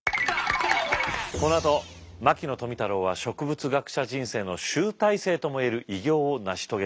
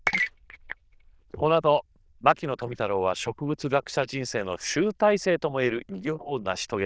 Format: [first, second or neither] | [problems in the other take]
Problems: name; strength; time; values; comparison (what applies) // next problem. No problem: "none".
first | noise reduction (neural diffusion model UNIVERSE++)